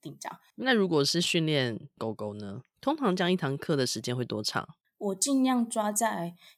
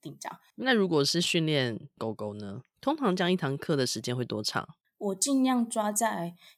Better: neither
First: none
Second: none

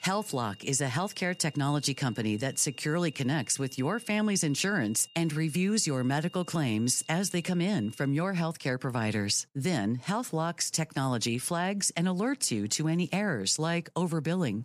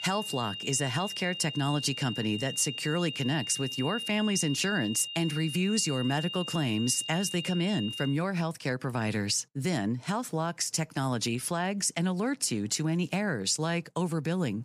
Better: first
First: high-pitched whine; faint; until 8 s; 3 kHz, 25 dB below the speech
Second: high-pitched whine; loud; until 8 s; 3 kHz, 7 dB below the speech

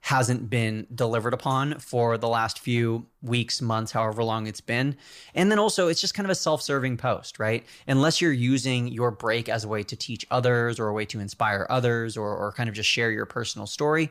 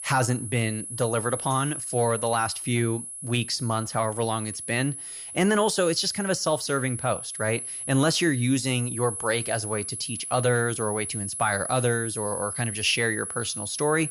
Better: first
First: none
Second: high-pitched whine; loud; throughout; 10.5 kHz, 6 dB below the speech

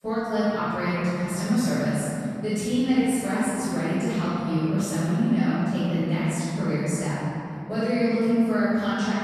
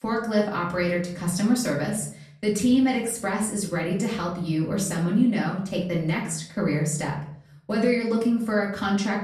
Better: second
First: room echo; strong; dies away in 3 s // off-mic speech; far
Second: room echo; slight; dies away in 0.5 s // off-mic speech; far

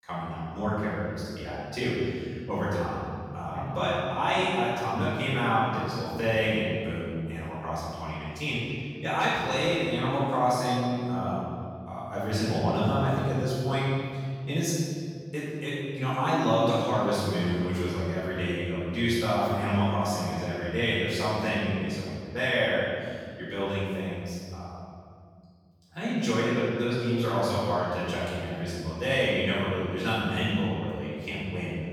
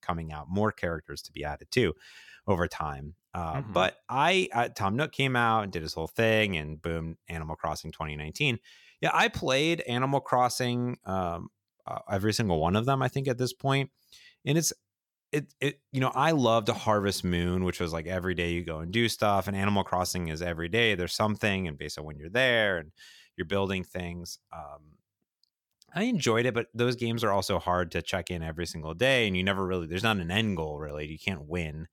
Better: second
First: off-mic speech; far // room echo; strong; dies away in 2.1 s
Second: none

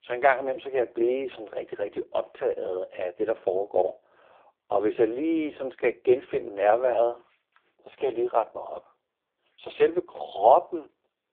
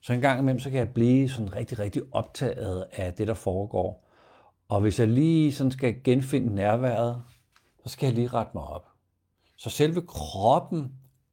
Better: second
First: phone-call audio; poor line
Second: none

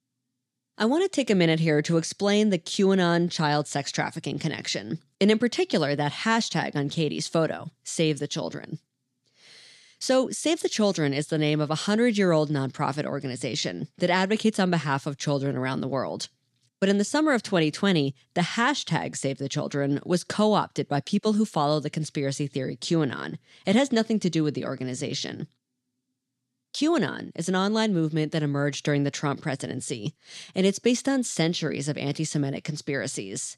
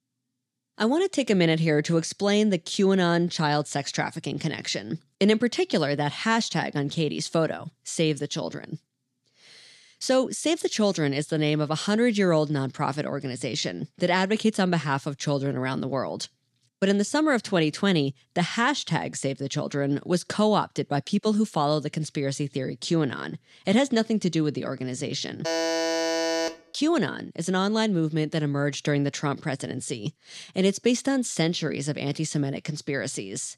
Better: first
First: none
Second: alarm; loud; from 25 to 27 s; peak 1 dB above the speech

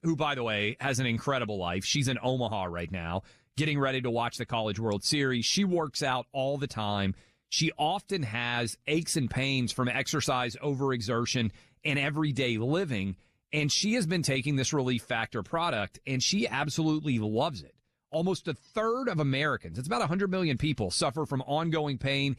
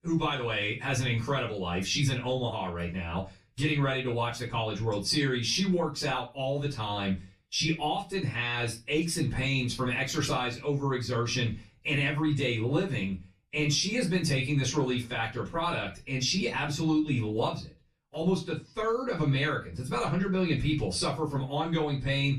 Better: first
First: none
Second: off-mic speech; far // room echo; very slight; dies away in 0.2 s

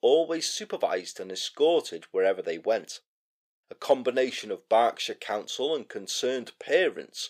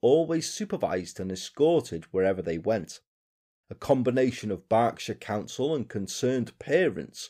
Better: second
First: thin; somewhat; fading below 500 Hz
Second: none

